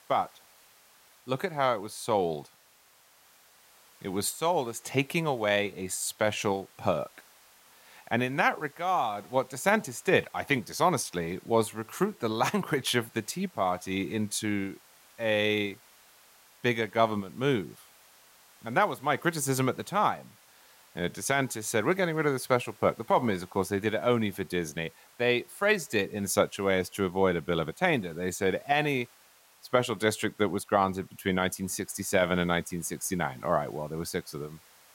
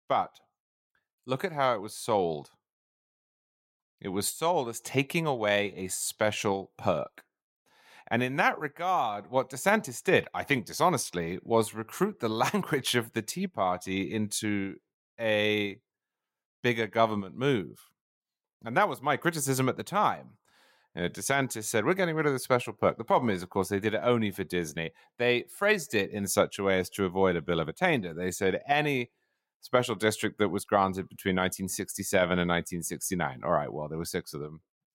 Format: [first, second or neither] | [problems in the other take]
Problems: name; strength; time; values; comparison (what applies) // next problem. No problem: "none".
second | hiss; faint; throughout; 25 dB below the speech